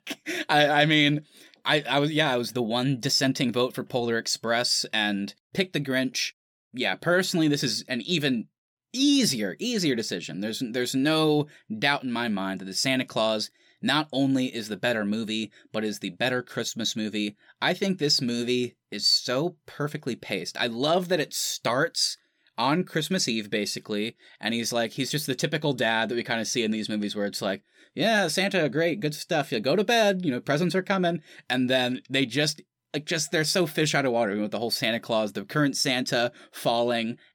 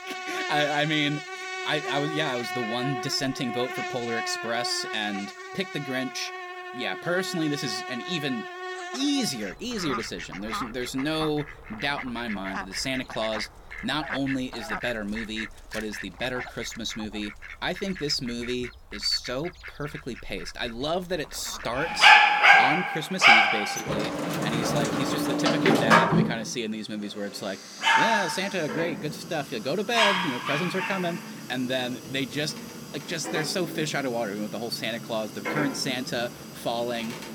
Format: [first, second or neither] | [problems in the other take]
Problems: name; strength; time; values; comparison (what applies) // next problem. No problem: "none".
first | animal sounds; very loud; throughout; 5 dB above the speech